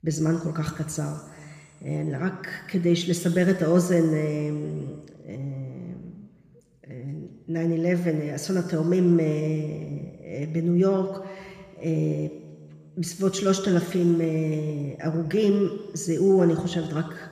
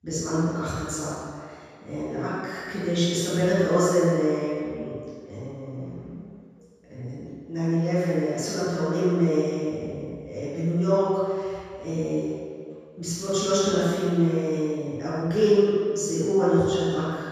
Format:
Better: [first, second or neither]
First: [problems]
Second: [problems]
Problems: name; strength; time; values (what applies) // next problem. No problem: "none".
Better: first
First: room echo; slight; dies away in 2.1 s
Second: room echo; strong; dies away in 1.8 s // off-mic speech; far